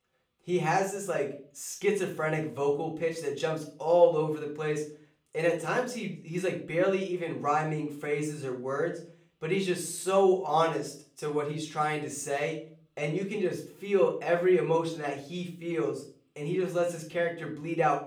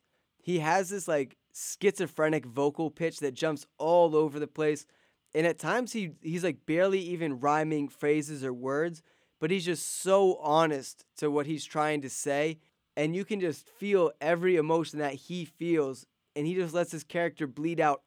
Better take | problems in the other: second | off-mic speech; far // room echo; slight; dies away in 0.4 s

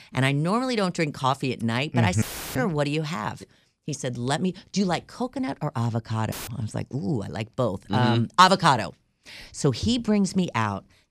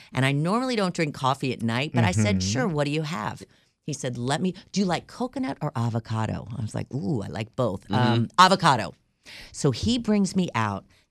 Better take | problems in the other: second | audio cutting out; filled with static; at 2 s and at 6.5 s

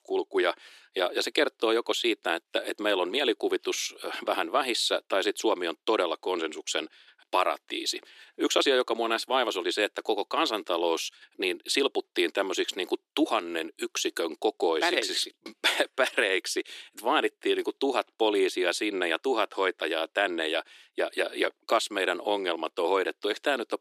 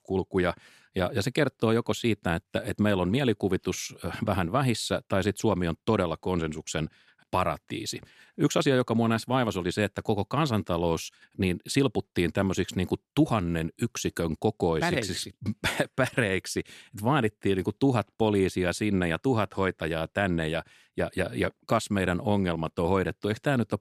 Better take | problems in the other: second | thin; very; fading below 350 Hz

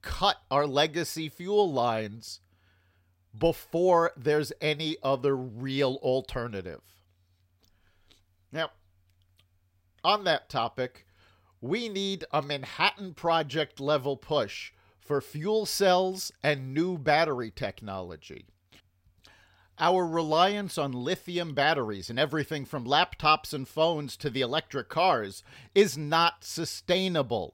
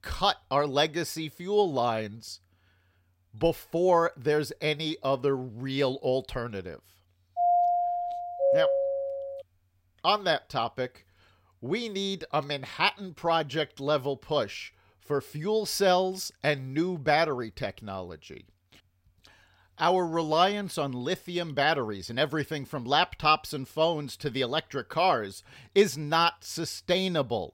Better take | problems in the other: first | doorbell; loud; from 7.5 to 9.5 s; peak 4 dB above the speech

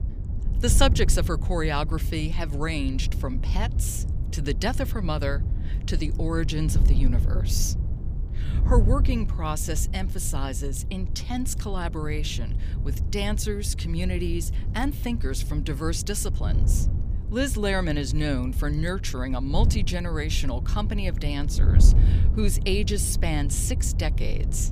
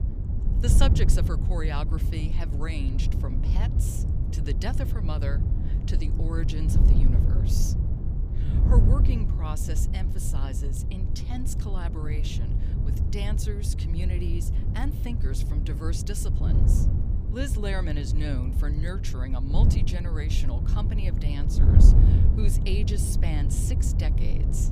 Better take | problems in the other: first | wind noise on the microphone; heavy; 2 dB below the speech; occasional gusts in the first

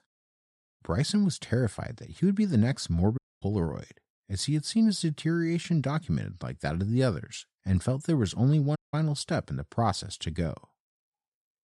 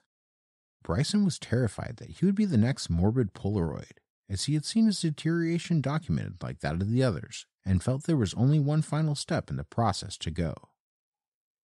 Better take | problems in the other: second | audio cutting out; at 3 s and at 9 s

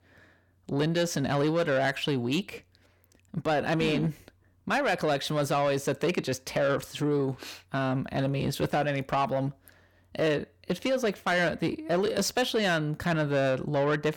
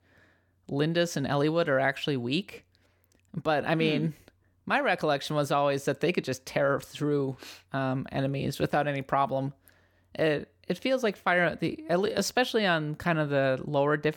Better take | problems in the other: second | distortion; slight; 10 dB below the speech

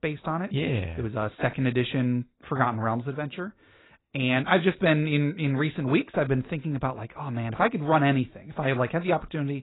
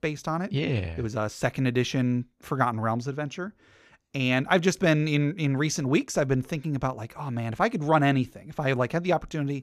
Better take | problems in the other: second | garbled, watery; badly; nothing above 4 kHz

